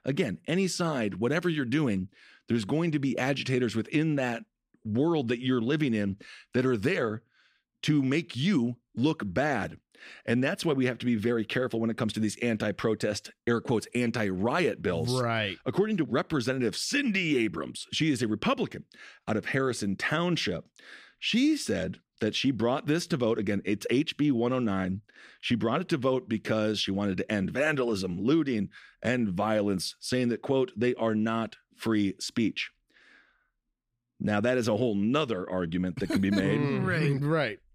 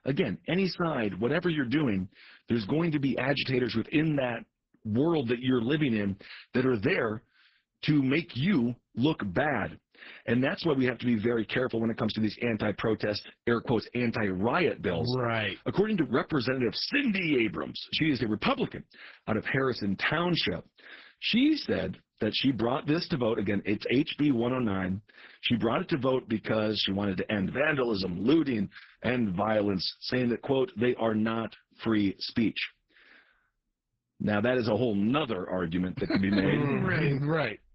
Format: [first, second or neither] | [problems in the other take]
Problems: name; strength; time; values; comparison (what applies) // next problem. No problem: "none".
first | garbled, watery; badly; nothing above 5.5 kHz